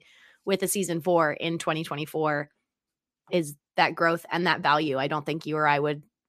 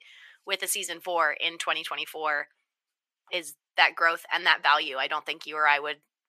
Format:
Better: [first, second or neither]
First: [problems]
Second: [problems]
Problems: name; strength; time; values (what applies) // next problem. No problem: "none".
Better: first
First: none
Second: thin; very; fading below 750 Hz